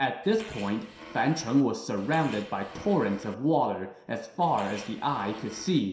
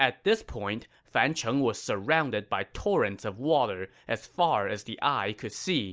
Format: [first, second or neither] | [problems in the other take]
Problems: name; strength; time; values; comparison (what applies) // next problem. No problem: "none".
second | background sound (Fart); 17 dB below the speech // room echo; dies away in 0.7 s